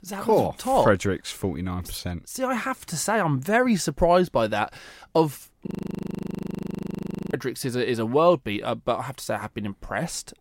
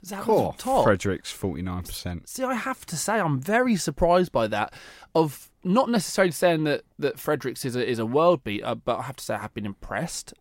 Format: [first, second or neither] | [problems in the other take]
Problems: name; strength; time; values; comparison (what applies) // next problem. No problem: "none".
second | audio freezing; at 5.5 s for 1.5 s